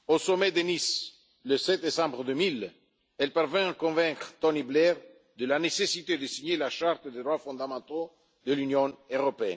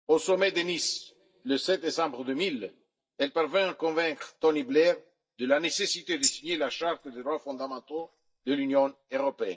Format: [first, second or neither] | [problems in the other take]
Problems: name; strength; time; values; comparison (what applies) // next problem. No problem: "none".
first | noise reduction (neural mask model DeepFilterNet 3)